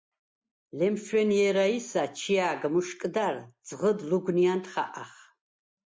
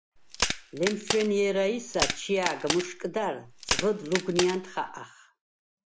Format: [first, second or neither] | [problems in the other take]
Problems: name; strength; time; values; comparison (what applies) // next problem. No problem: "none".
first | background sound (Crack); 4 dB below the speech